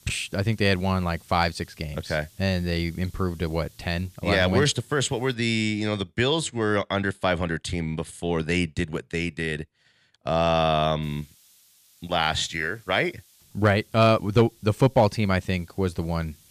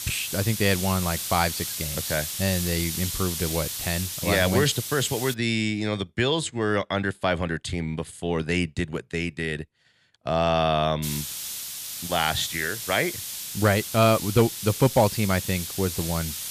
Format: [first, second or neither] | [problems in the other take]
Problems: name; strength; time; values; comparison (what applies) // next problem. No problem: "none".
first | hiss; loud; until 5.5 s and from 11 s on; 5 dB below the speech; faint in the first